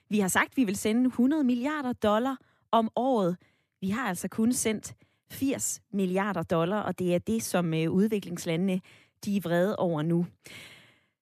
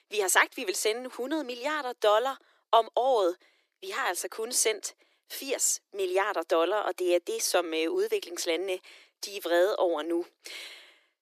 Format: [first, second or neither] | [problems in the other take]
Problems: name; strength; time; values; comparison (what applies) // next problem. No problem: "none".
first | thin; very; fading below 350 Hz